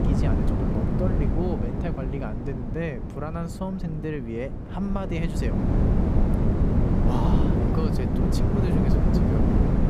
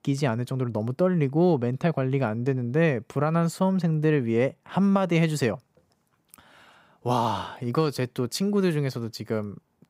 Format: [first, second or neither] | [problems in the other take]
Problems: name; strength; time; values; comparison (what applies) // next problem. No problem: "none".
second | wind noise on the microphone; heavy; 3 dB above the speech